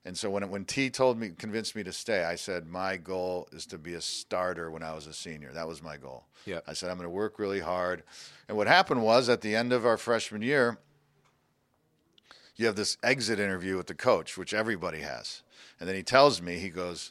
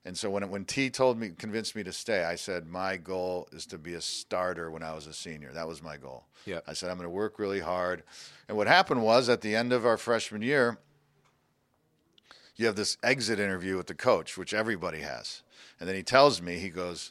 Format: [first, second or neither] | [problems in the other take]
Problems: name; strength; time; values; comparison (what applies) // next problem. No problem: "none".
neither | none